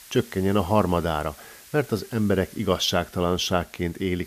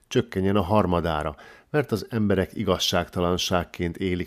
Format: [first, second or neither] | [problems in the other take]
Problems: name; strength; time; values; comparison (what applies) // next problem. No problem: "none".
second | hiss; faint; throughout; 20 dB below the speech